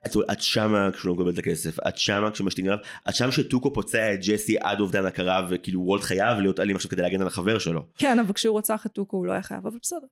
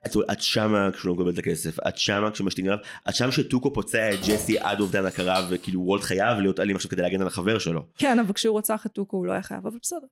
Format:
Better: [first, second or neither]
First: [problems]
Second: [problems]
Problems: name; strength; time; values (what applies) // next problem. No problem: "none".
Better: first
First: none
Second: jangling keys; noticeable; from 4 to 5.5 s; peak 6 dB below the speech